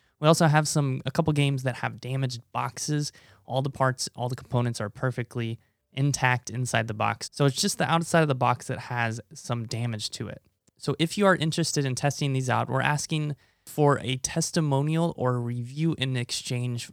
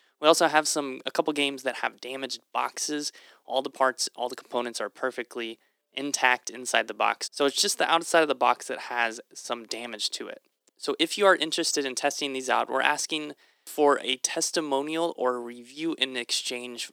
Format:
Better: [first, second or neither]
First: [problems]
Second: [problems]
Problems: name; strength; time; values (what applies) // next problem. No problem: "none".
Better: first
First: none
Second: thin; somewhat; fading below 300 Hz